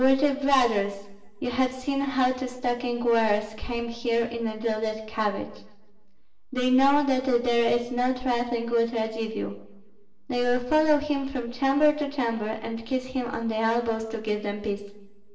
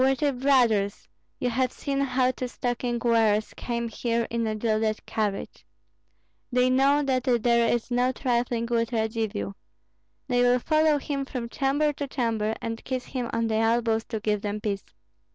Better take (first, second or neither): second